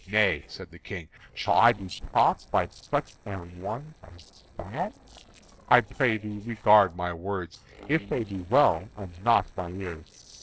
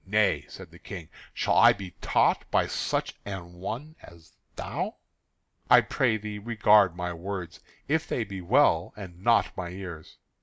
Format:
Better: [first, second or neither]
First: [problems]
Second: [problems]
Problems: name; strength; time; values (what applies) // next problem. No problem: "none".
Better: second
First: noise reduction (neural separator model SepFormer DNS4)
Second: none